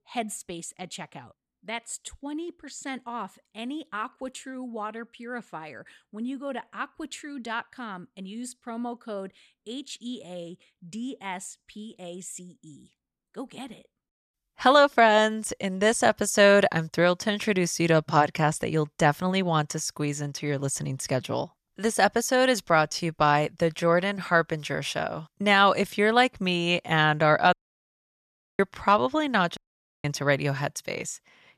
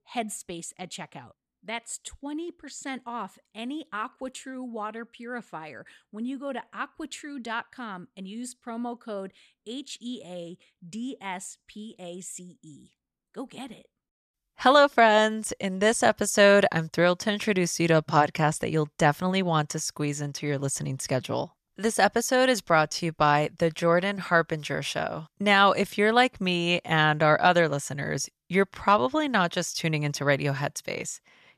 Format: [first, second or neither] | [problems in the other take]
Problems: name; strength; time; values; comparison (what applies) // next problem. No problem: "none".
second | audio cutting out; at 28 s for 1 s and at 30 s